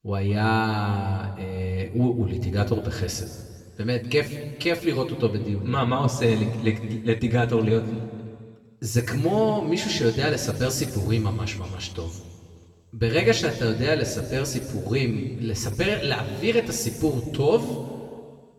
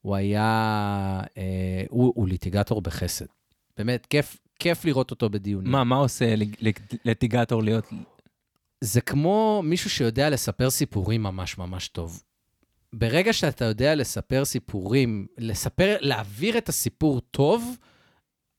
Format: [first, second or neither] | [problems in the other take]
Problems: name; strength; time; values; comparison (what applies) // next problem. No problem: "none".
second | room echo; noticeable; dies away in 1.8 s // off-mic speech; far